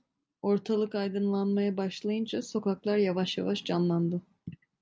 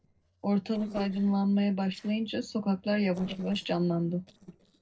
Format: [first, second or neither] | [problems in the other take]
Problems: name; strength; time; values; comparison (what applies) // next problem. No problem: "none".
first | noise reduction (neural separator model SepFormer DNS4)